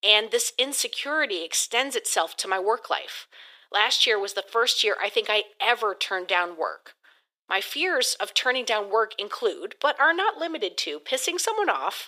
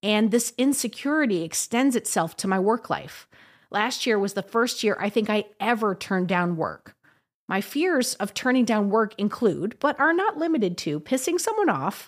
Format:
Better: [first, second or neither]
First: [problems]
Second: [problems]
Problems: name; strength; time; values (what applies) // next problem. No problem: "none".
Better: second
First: thin; very; fading below 400 Hz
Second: none